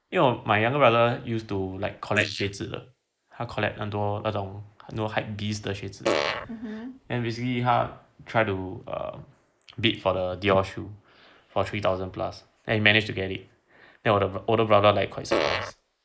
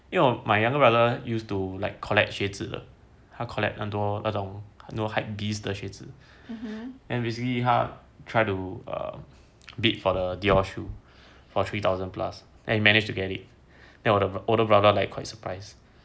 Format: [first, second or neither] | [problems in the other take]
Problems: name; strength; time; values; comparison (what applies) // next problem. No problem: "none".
second | noise reduction (neural mask model Resemble Enhance denoiser)